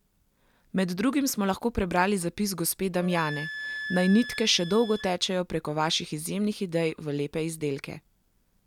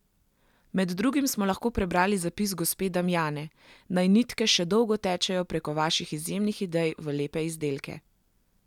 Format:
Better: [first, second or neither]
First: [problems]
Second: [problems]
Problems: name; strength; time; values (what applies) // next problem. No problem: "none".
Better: second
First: background sound (Wind instrument, woodwind instrument); 12 dB below the speech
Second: none